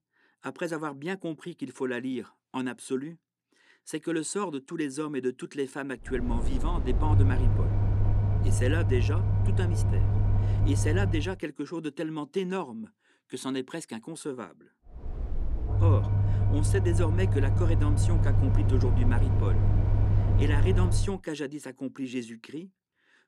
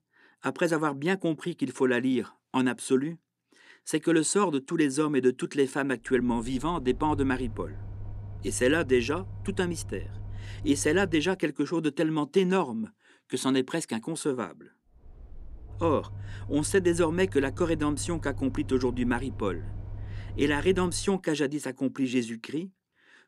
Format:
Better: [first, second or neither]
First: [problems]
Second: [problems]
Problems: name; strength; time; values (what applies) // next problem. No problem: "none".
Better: second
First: low rumble; loud; from 6 to 11 s and from 15 to 21 s; 4 dB below the speech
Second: low rumble; faint; from 6 to 11 s and from 15 to 21 s; 25 dB below the speech